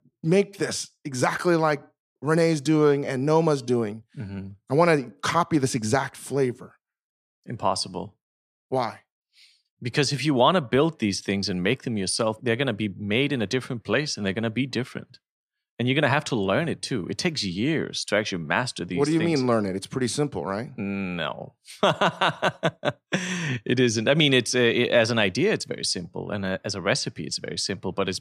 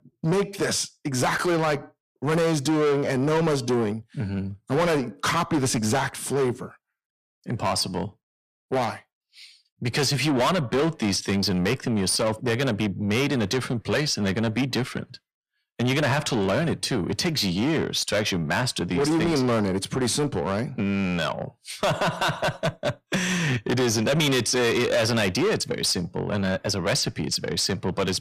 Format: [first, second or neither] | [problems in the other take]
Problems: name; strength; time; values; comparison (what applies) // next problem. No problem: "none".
first | distortion; heavy; 6 dB below the speech